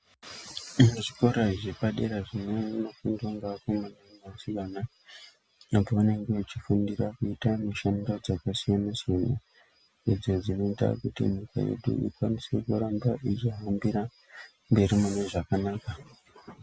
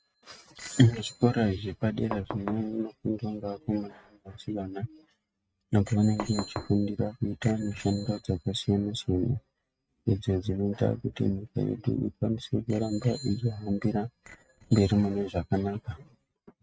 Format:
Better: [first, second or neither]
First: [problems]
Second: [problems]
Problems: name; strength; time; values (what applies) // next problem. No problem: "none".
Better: first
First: none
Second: noise reduction (neural mask model RNNoise)